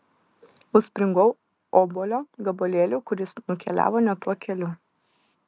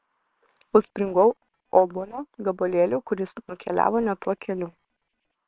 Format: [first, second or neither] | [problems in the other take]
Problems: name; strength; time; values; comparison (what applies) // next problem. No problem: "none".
first | noise reduction (neural separator model SepFormer WHAM!)